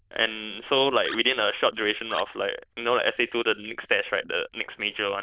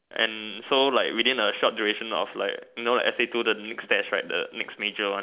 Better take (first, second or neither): second